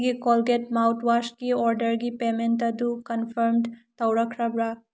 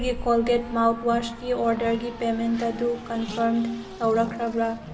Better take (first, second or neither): first